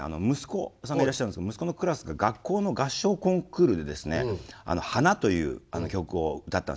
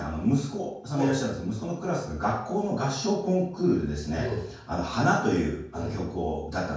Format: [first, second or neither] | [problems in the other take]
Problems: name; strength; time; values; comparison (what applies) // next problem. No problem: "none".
first | room echo; dies away in 0.5 s